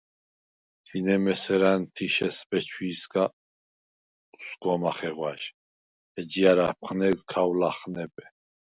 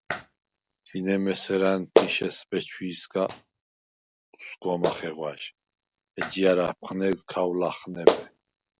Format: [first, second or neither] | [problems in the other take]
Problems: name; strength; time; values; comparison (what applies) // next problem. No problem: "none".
first | background sound (Clapping); 2 dB below the speech